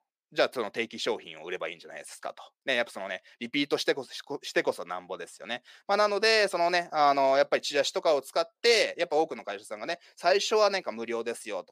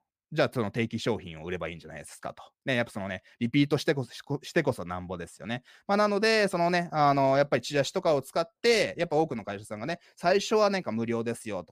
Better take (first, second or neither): second